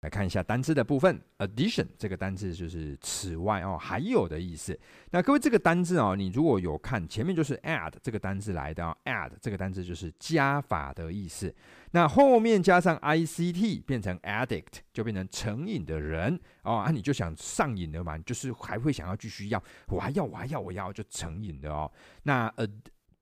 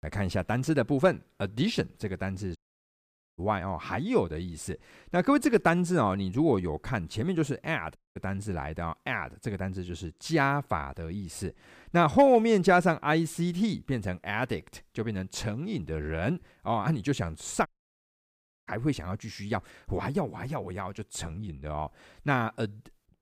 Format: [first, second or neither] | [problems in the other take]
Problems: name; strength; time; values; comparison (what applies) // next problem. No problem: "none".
first | audio cutting out; at 2.5 s for 1 s, at 8 s and at 18 s for 1 s